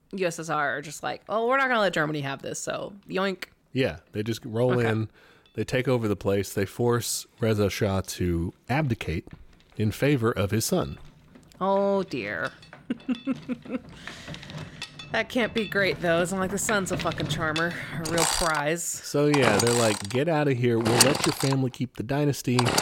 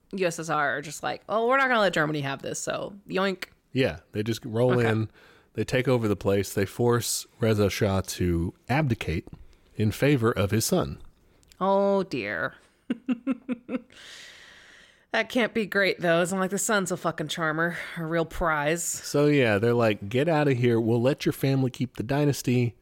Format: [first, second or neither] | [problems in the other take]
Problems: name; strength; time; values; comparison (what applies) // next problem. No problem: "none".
second | machinery noise; loud; throughout; 2 dB below the speech